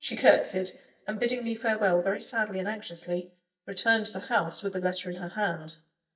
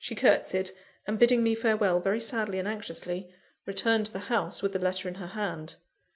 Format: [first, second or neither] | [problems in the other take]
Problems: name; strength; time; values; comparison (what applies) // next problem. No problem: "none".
second | noise reduction (neural mask model DeepFilterNet 3)